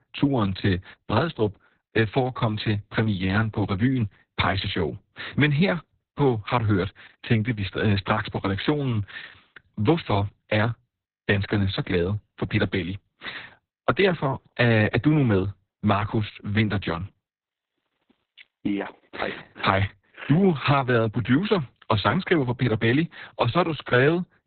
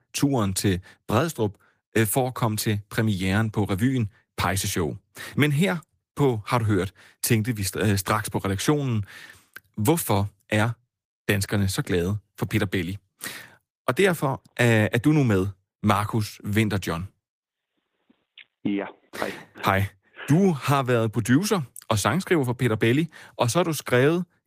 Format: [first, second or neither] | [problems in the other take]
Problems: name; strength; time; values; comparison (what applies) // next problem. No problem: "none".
second | garbled, watery; badly; nothing above 4 kHz; slightly in the second